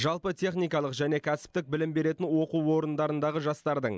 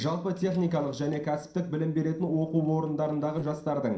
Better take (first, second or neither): first